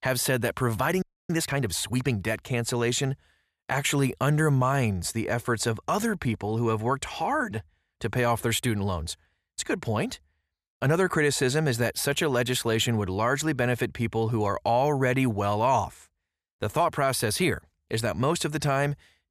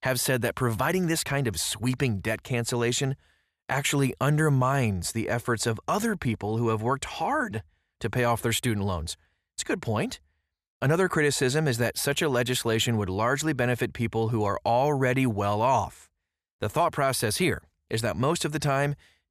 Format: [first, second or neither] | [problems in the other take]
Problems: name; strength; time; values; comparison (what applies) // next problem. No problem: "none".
second | audio freezing; at 1 s